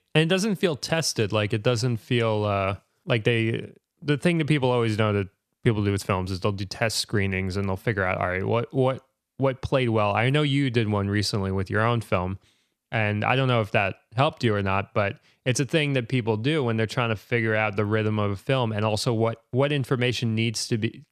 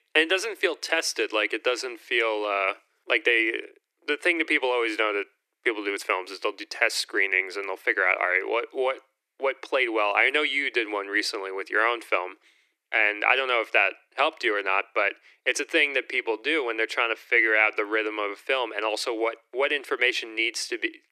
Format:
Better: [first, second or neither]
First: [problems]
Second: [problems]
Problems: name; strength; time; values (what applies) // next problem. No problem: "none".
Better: first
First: none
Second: thin; very; fading below 300 Hz